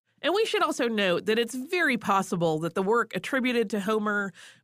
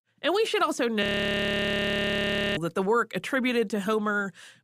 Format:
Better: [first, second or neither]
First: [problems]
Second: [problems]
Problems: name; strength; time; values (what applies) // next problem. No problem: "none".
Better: first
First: none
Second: audio freezing; at 1 s for 1.5 s